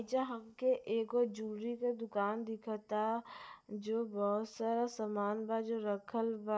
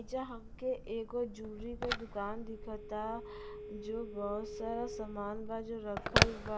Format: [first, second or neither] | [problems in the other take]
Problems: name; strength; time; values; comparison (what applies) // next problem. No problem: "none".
first | background sound (Telephone); 1 dB above the speech